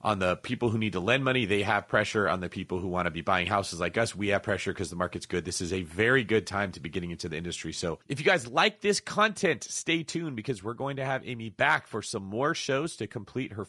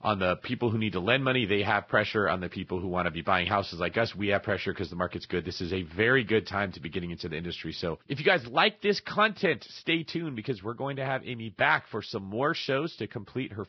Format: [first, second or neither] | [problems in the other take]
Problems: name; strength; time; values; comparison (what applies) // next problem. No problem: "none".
first | garbled, watery; badly; nothing above 5.5 kHz; slightly in the first